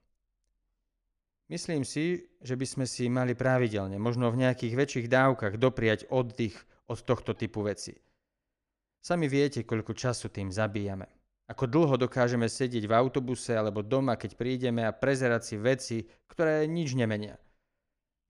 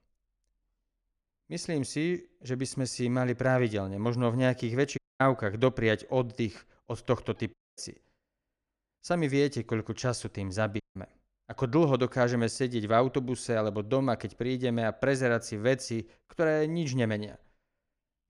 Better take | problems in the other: first | audio cutting out; at 5 s, at 7.5 s and at 11 s

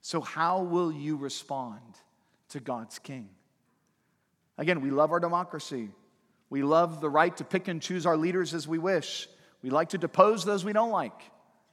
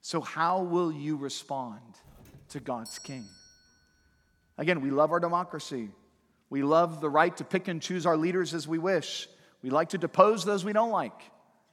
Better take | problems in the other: first | doorbell; faint; from 2 to 3.5 s; peak 15 dB below the speech

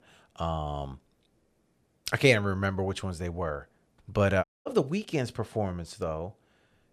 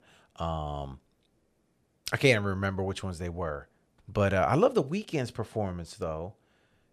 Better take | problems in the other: second | audio cutting out; at 4.5 s

